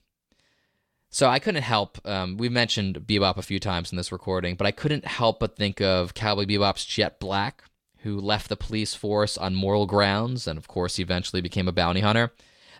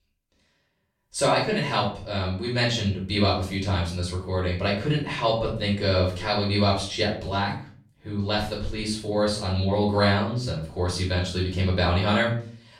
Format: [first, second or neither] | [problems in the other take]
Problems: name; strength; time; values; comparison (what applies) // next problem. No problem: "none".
first | off-mic speech; far // room echo; slight; dies away in 0.4 s